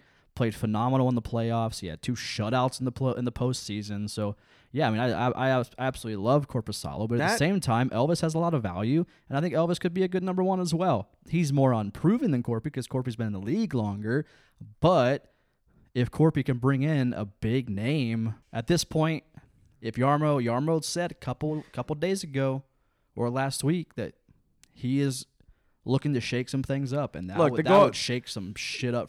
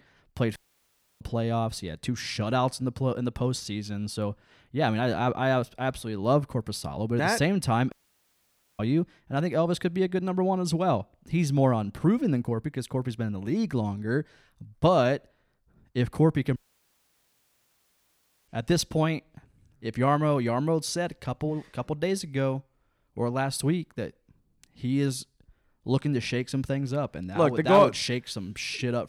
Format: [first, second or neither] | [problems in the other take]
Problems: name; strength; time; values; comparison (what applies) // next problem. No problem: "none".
first | audio cutting out; at 0.5 s for 0.5 s, at 8 s for 1 s and at 17 s for 2 s